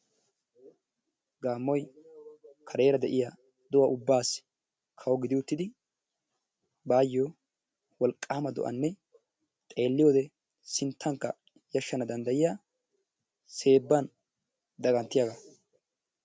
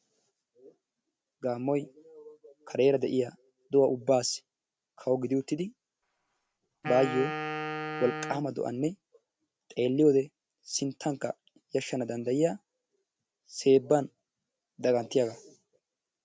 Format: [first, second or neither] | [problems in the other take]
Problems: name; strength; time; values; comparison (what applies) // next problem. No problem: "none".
first | background sound (Wind instrument, woodwind instrument); 7 dB below the speech